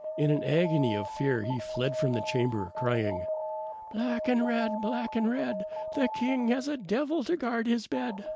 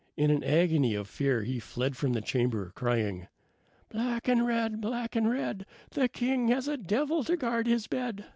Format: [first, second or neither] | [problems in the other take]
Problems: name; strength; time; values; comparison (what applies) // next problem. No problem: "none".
second | background sound (Alarm); 7 dB below the speech